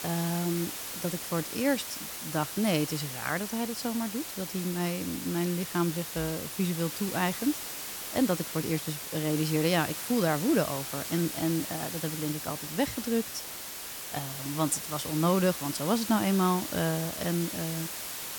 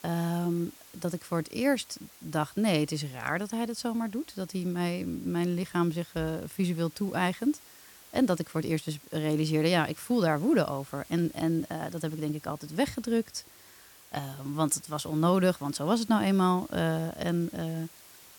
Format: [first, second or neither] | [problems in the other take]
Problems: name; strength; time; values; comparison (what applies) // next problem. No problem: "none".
second | hiss; loud; throughout; 5 dB below the speech; faint in the second